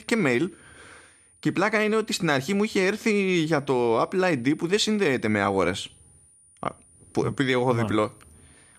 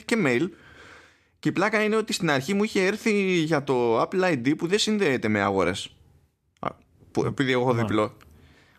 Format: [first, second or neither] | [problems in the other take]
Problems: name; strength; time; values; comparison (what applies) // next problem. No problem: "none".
second | high-pitched whine; faint; throughout; 9.5 kHz, 30 dB below the speech